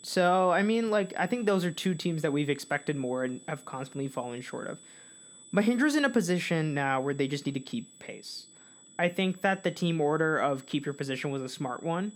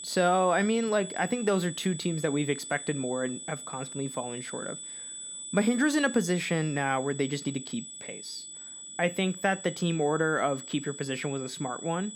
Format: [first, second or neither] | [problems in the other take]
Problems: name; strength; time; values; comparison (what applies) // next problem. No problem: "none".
first | high-pitched whine; loud; throughout; 8 kHz, 10 dB below the speech; faint in the first